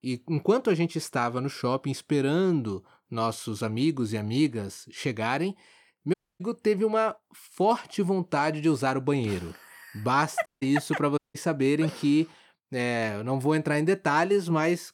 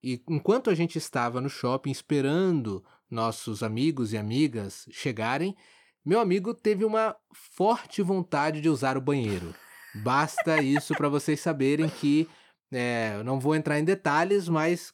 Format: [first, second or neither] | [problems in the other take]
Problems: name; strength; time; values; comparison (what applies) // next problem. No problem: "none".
second | audio cutting out; at 6 s, at 10 s and at 11 s